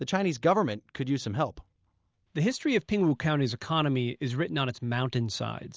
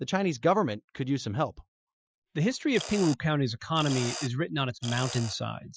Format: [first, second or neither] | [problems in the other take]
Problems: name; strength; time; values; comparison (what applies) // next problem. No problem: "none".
first | noise reduction (classical method Wiener filter)